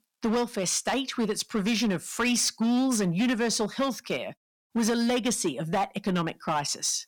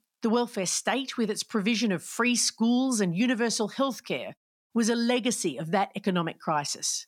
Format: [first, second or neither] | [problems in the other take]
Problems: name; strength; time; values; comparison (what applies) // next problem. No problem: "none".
second | distortion; slight; 11% of the sound clipped